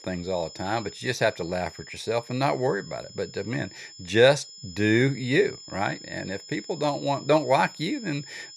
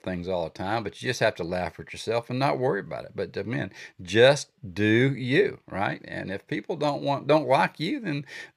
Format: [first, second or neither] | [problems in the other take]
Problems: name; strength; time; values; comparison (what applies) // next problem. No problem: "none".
second | high-pitched whine; noticeable; throughout; 5 kHz, 15 dB below the speech